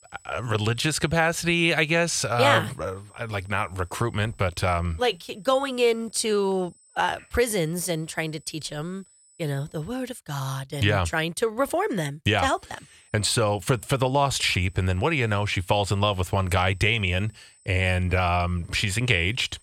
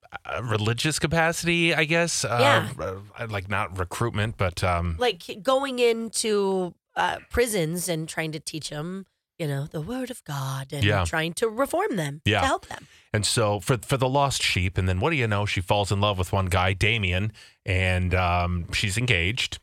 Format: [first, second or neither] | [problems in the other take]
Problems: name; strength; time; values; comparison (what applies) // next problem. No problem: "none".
second | high-pitched whine; faint; until 10 s and from 13 s on; 8 kHz, 30 dB below the speech